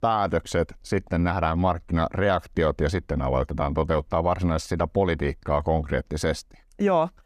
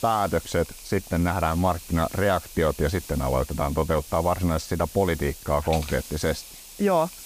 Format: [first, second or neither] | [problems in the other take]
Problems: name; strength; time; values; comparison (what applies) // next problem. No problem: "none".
first | hiss; noticeable; throughout; 15 dB below the speech